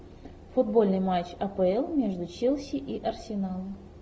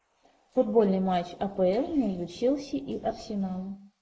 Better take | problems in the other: first | noise reduction (neural mask model Resemble Enhance denoiser)

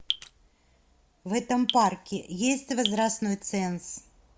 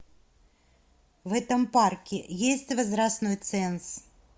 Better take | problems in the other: second | background sound (Drip); 6 dB below the speech

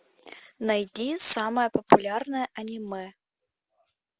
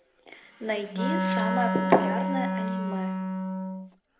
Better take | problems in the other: first | background sound (Wind instrument, woodwind instrument); 2 dB above the speech // room echo; dies away in 0.8 s

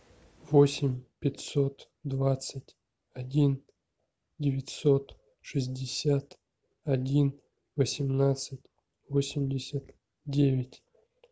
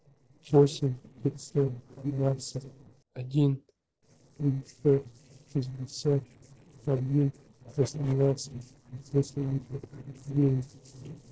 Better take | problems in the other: first | noise reduction (neural separator model SepFormer DNS4)

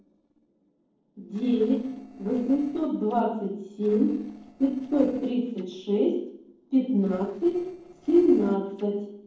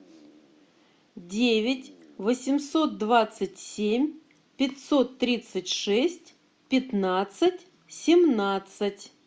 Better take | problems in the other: second | noise reduction (neural separator model SepFormer DNS4)

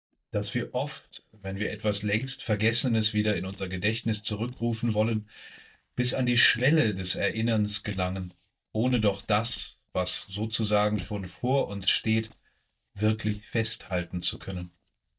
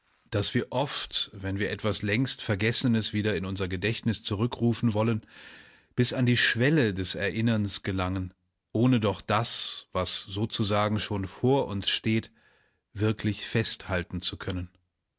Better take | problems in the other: second | noise reduction (neural mask model DeepFilterNet 3)

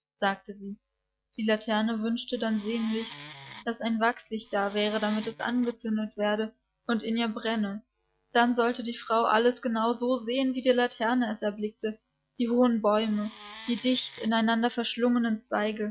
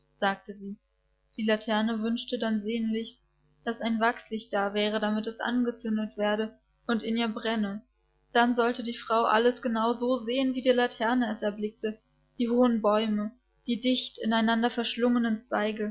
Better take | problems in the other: second | noise reduction (neural mask model RNNoise)

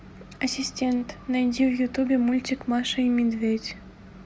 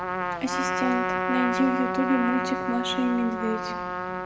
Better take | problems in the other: first | background sound (Trumpet); 1 dB below the speech // room echo; dies away in 1.1 s

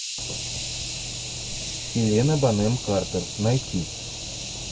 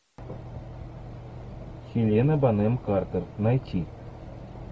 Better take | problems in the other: second | background sound (Hiss); 7 dB below the speech

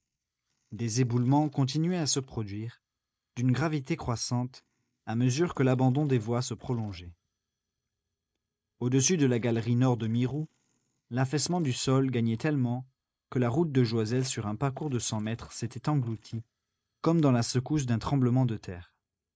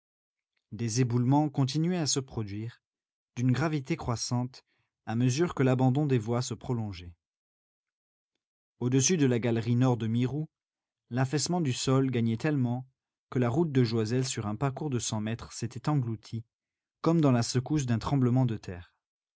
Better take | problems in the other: second | noise reduction (neural mask model Resemble Enhance denoiser)

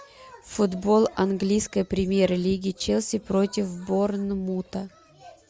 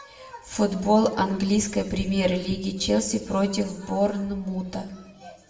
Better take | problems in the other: first | room echo; dies away in 0.8 s

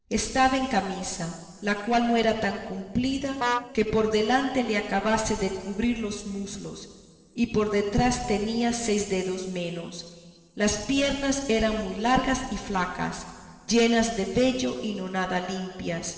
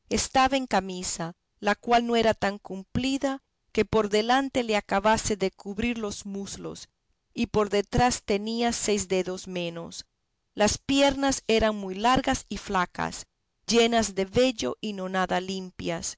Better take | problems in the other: second | noise reduction (neural separator model SepFormer DNS4)

